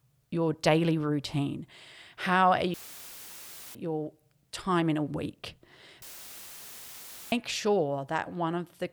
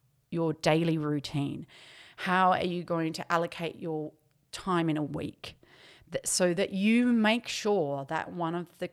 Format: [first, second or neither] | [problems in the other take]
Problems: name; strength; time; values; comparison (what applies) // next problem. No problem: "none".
second | audio cutting out; filled with static; at 2.5 s for 1 s and at 6 s for 1.5 s